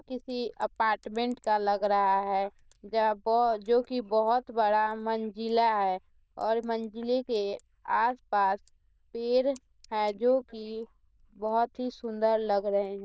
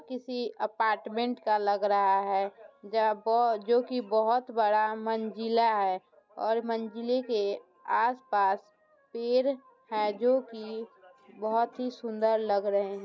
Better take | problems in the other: second | noise reduction (neural diffusion model UNIVERSE++)

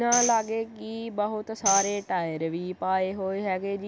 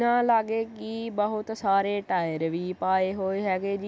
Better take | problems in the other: second | background sound (Tambourine); 6 dB below the speech

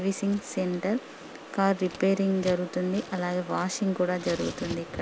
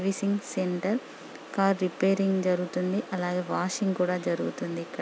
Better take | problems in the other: second | background sound (Scissors); 17 dB below the speech

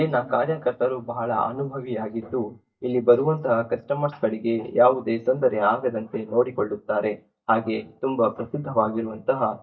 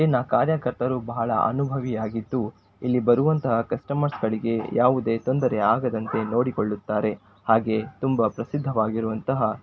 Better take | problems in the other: second | noise reduction (neural mask model DeepFilterNet 3)

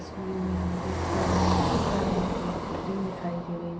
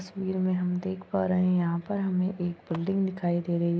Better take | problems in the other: second | background sound (Car passing by); 3 dB above the speech // room echo; dies away in 0.2 s

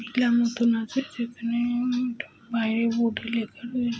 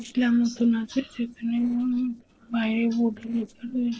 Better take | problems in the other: first | noise reduction (neural separator model SepFormer DNS4)

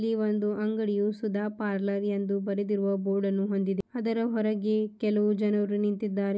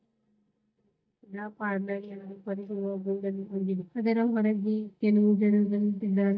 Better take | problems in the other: first | noise reduction (neural mask model DeepFilterNet 3)

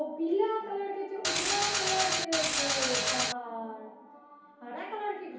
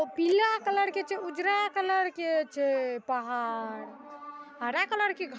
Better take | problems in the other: second | background sound (Mechanisms); 5 dB above the speech // room echo; dies away in 2.2 s

